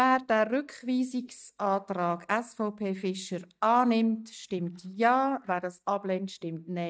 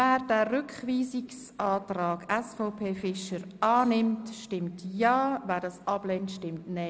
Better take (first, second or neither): second